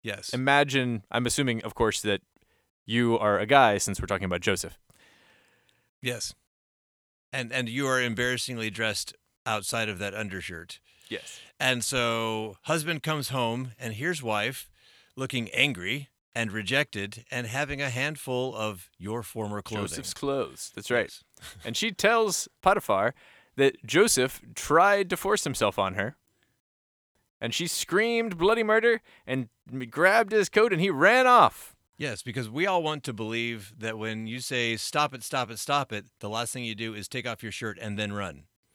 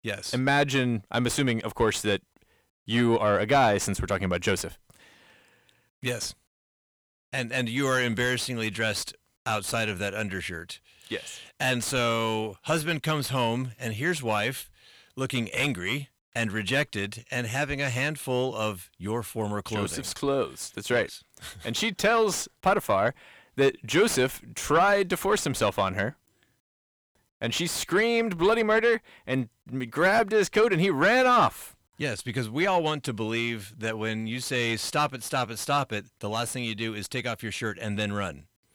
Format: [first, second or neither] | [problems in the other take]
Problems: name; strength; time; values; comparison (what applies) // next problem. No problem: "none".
first | distortion; slight; 10 dB below the speech